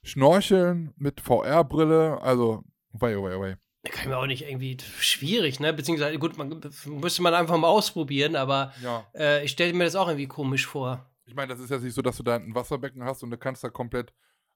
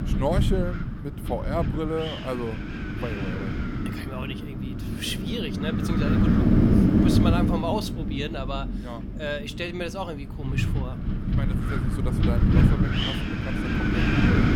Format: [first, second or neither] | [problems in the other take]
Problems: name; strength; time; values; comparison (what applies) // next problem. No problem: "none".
first | wind noise on the microphone; heavy; 2 dB above the speech